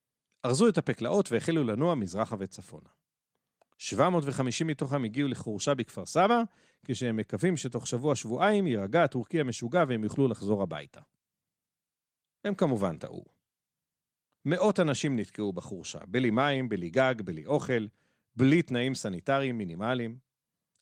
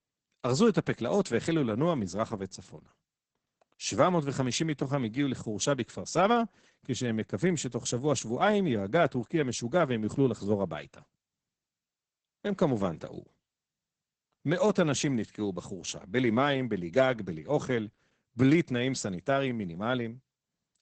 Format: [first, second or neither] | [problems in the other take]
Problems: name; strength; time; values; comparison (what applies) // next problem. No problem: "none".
first | garbled, watery; badly; nothing above 8 kHz; slightly in the first